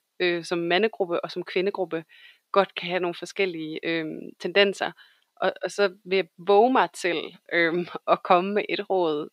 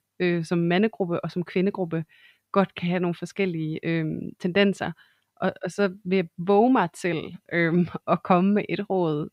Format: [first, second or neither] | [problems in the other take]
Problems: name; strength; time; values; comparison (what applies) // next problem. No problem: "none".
second | thin; somewhat; fading below 400 Hz